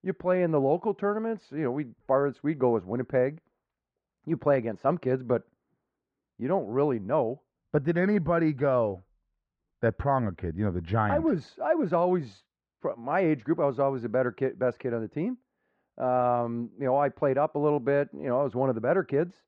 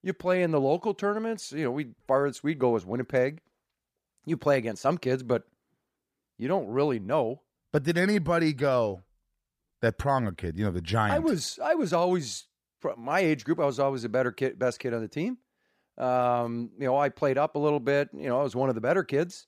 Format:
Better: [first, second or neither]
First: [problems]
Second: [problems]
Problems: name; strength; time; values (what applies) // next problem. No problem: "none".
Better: second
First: muffled; very; fading above 1.5 kHz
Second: none